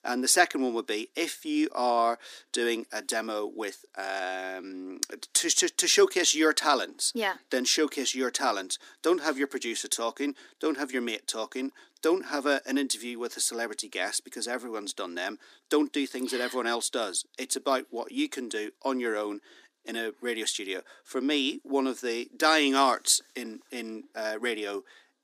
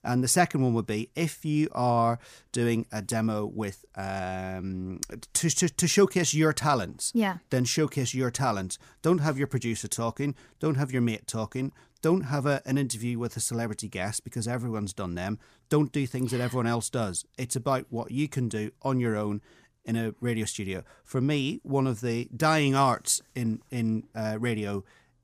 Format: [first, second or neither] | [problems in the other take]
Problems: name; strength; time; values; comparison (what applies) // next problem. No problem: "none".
second | thin; somewhat; fading below 250 Hz